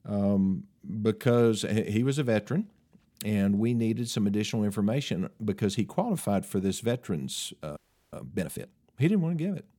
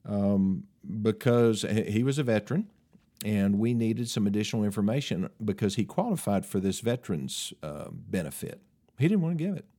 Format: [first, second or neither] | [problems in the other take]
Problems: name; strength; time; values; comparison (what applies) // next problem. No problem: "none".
second | audio freezing; at 8 s